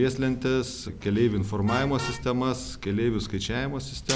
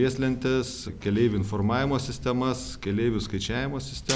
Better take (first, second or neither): second